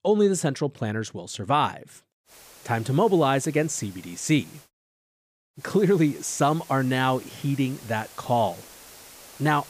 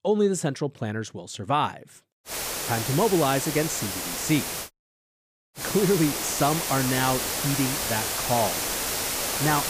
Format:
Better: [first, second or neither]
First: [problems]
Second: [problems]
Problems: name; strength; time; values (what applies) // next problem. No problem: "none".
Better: first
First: hiss; faint; from 2.5 to 4.5 s and from 5.5 s on; 20 dB below the speech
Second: hiss; loud; from 2.5 to 4.5 s and from 5.5 s on; 1 dB below the speech